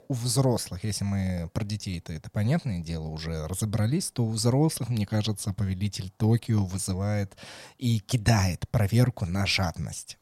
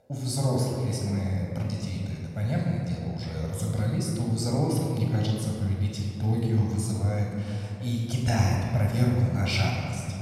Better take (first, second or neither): first